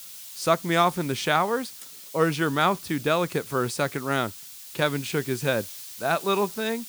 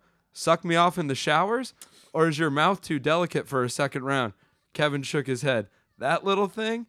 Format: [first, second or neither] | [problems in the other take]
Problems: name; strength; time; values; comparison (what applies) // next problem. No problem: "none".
second | hiss; noticeable; throughout; 15 dB below the speech